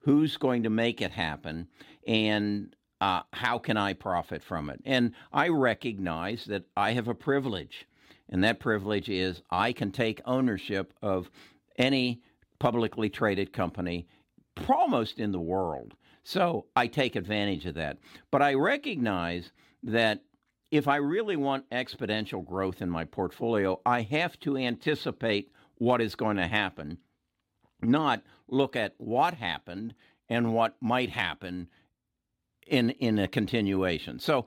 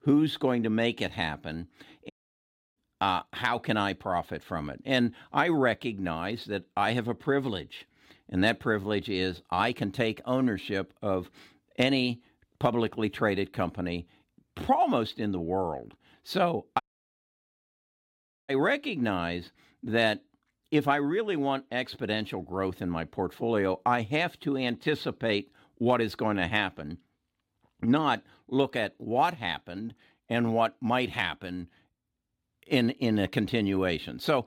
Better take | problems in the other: first | audio cutting out; at 2 s for 0.5 s and at 17 s for 1.5 s

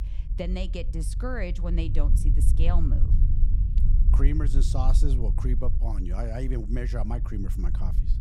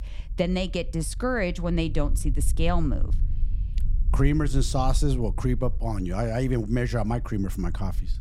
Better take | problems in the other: second | low rumble; loud; throughout; 8 dB below the speech; faint in the second

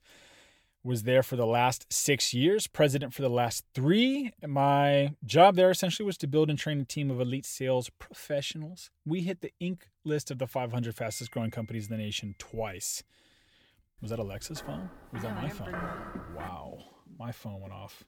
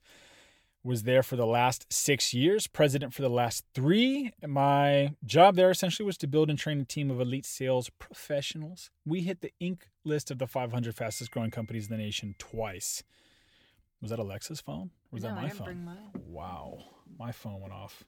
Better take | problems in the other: second | footsteps; noticeable; from 14 to 16 s; peak 9 dB below the speech

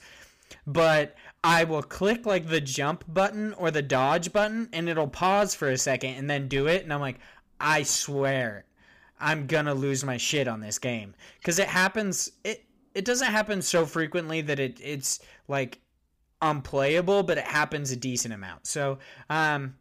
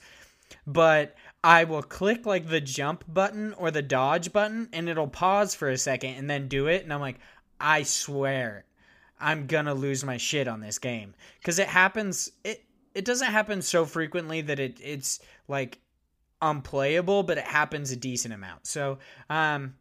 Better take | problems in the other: second | distortion; slight; 4% of the sound clipped

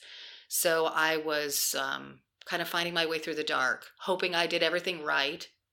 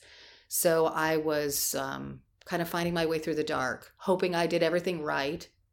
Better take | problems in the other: second | thin; somewhat; fading below 450 Hz

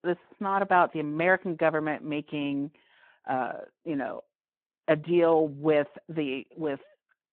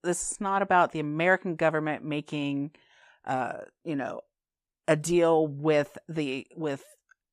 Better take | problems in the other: second | phone-call audio

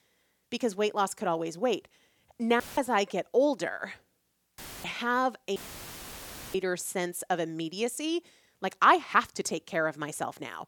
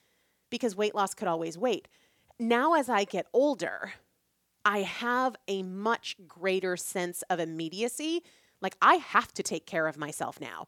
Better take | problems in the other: second | audio cutting out; filled with static; at 2.5 s, at 4.5 s and at 5.5 s for 1 s

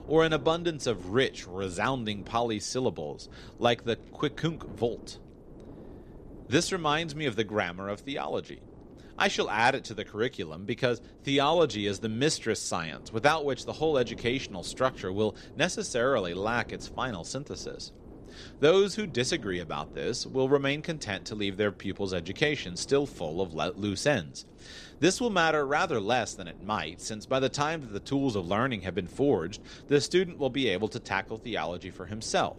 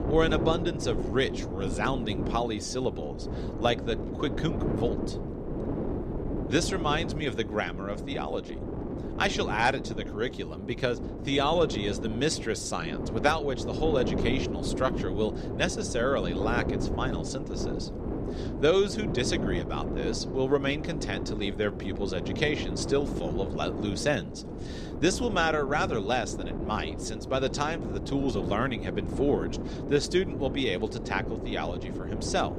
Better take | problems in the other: first | wind noise on the microphone; heavy; 8 dB below the speech; occasional gusts in the first

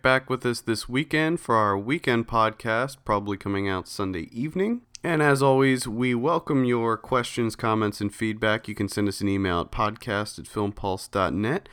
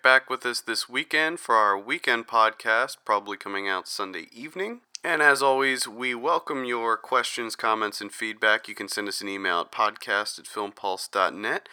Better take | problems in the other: first | thin; very; fading below 550 Hz

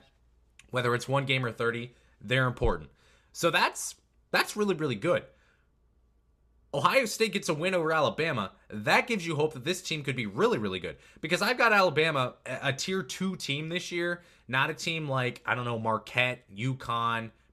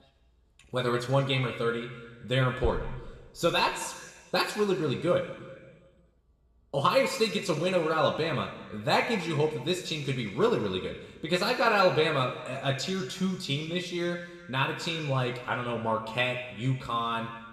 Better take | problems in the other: first | room echo; slight; dies away in 1.3 s

